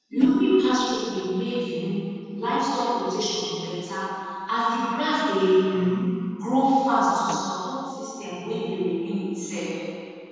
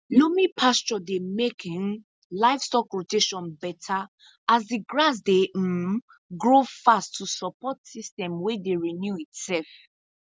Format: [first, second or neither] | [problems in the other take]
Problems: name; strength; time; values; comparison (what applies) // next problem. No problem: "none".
second | noise reduction (neural separator model SepFormer DNS4)